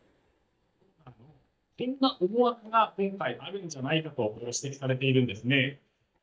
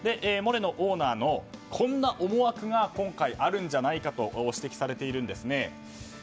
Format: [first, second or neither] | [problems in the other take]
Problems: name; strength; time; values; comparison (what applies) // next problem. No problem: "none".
second | noise reduction (neural mask model DeepFilterNet 3)